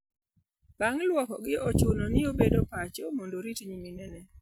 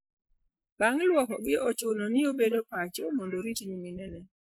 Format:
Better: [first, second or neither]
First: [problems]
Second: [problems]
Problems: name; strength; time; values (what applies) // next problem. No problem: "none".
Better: first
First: none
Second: noise reduction (neural mask model Resemble Enhance denoiser)